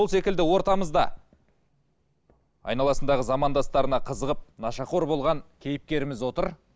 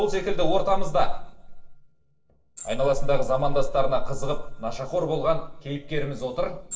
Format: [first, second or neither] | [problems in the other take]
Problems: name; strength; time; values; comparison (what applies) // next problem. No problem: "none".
first | noise reduction (neural separator model SepFormer DNS4)